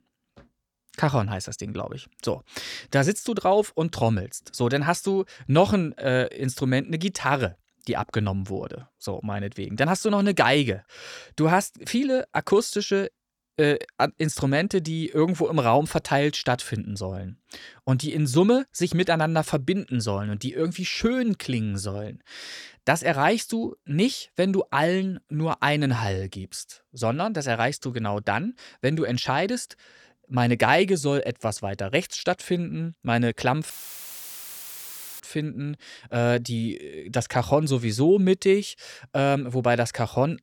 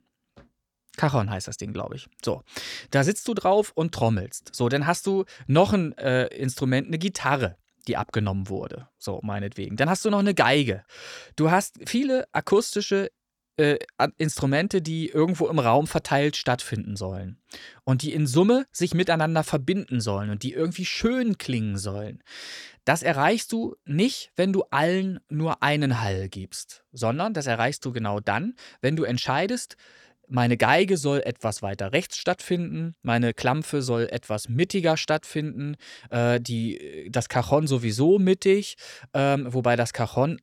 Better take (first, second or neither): second